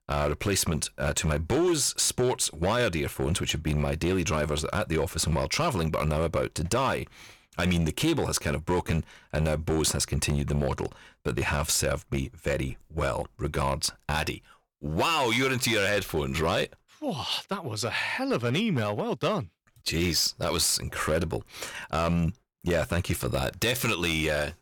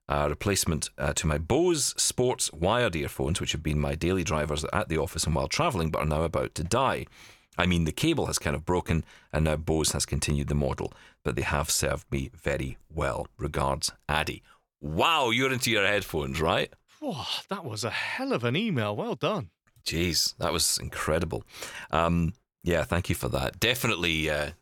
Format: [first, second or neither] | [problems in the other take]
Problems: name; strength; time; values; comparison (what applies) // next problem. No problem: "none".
second | distortion; slight; 7% of the sound clipped